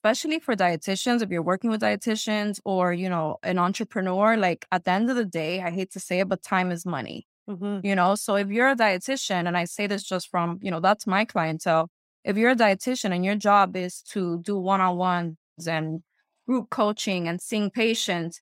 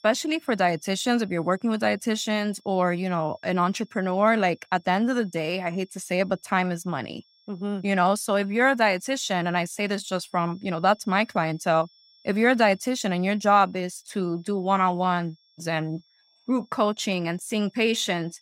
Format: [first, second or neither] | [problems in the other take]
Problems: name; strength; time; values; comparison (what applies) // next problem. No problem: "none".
first | high-pitched whine; faint; throughout; 5.5 kHz, 35 dB below the speech